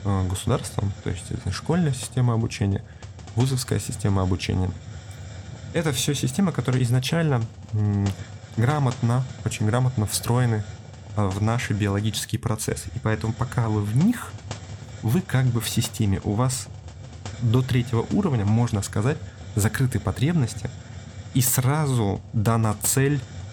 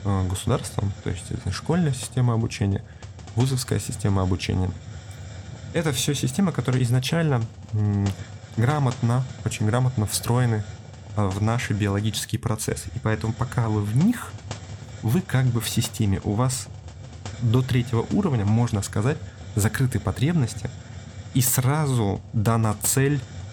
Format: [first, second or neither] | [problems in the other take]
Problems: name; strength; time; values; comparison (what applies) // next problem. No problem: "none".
neither | hiss; noticeable; throughout; 15 dB below the speech; the same in both